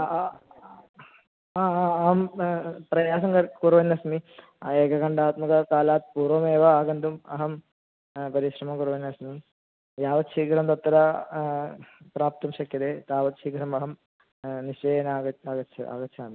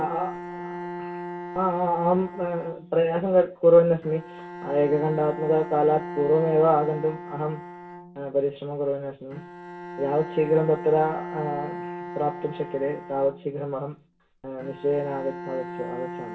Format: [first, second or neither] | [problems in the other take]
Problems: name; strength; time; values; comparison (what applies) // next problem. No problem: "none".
first | background sound (Bowed string instrument); 12 dB below the speech // room echo; dies away in 0.2 s